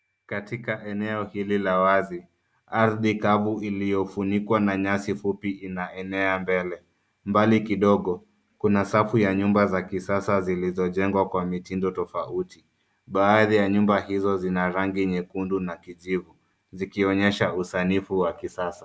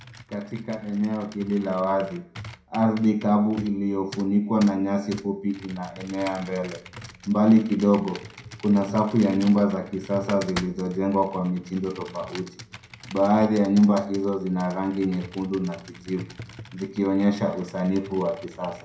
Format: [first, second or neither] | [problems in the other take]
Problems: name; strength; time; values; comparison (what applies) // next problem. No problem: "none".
first | background sound (Computer keyboard); 18 dB below the speech // room echo; dies away in 0.5 s